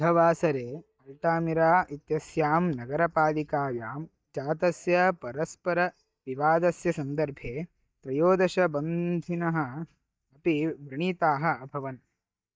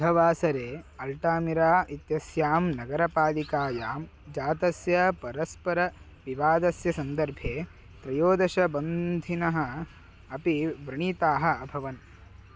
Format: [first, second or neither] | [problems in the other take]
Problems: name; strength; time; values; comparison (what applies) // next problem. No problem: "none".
second | noise reduction (neural mask model DeepFilterNet 3)